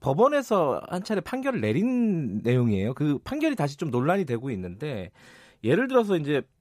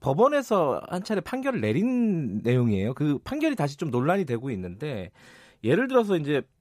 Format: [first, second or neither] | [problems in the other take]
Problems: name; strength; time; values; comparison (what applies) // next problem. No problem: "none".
neither | none